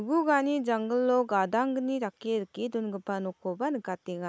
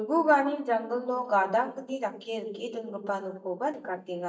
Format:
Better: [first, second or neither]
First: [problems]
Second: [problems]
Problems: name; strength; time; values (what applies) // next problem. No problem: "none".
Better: first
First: none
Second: noise reduction (neural mask model DeepFilterNet 3)